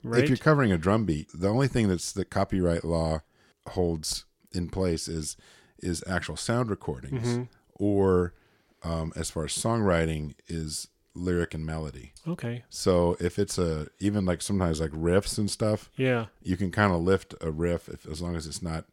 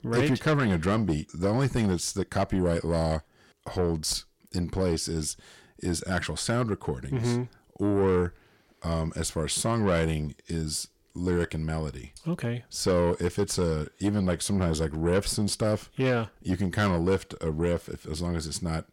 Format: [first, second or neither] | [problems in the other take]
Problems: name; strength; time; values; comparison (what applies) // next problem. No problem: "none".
first | distortion; slight; 10 dB below the speech